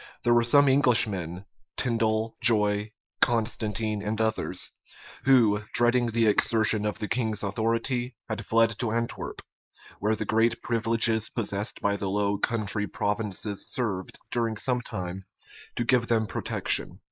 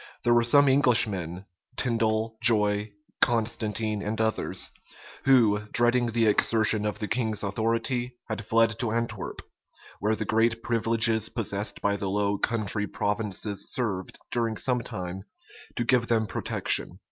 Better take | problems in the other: second | noise reduction (neural mask model Resemble Enhance denoiser)

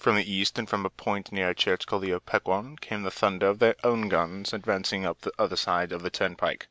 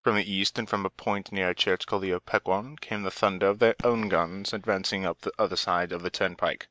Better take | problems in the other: first | noise reduction (neural mask model DeepFilterNet 3)

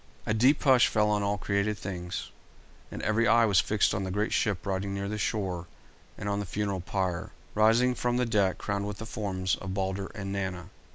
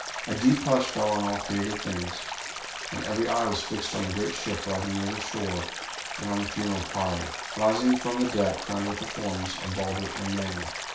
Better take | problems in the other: first | background sound (Stream); 7 dB below the speech // room echo; dies away in 0.6 s

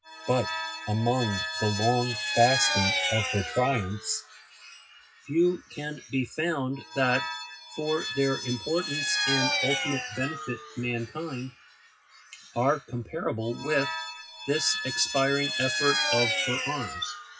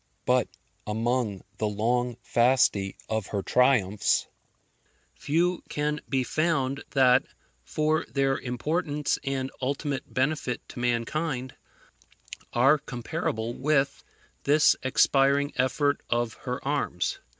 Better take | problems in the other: second | noise reduction (classical method WPE with log-MMSE)

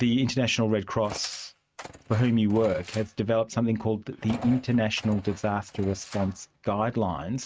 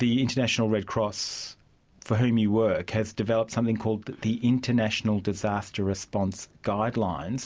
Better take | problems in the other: second | noise reduction (neural mask model RNNoise)

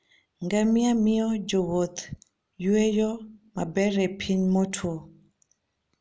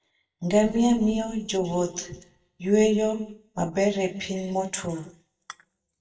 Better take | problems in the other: first | noise reduction (neural mask model DeepFilterNet 3)

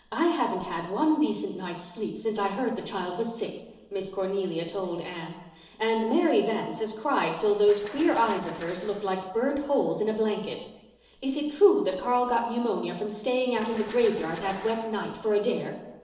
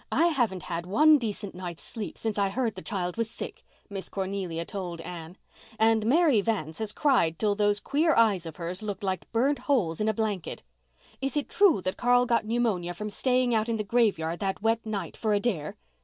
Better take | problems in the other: second | noise reduction (neural separator model SepFormer DNS4)

